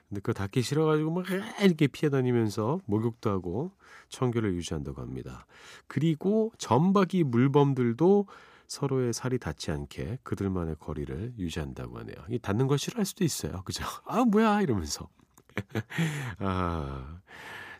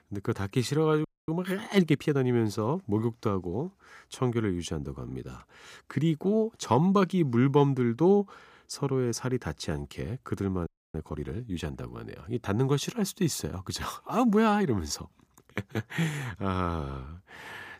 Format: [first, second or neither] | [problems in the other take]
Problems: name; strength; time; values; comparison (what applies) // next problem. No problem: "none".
first | audio freezing; at 1 s and at 11 s